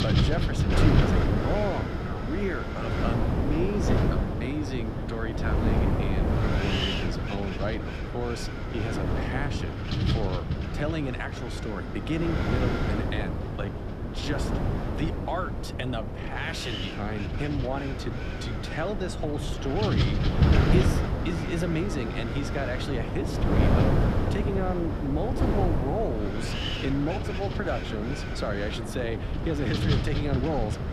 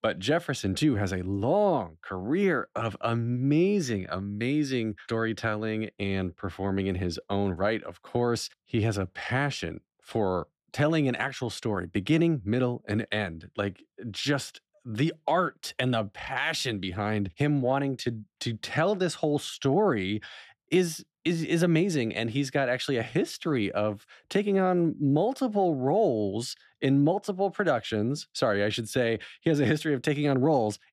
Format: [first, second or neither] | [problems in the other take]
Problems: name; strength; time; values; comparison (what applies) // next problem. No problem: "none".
second | wind noise on the microphone; heavy; 1 dB above the speech